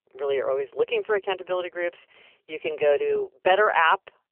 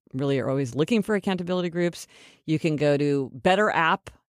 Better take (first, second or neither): second